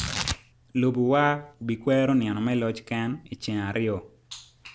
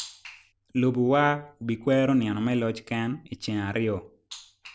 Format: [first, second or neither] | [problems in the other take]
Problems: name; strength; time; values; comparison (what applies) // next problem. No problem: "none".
second | background sound (Tearing); 13 dB below the speech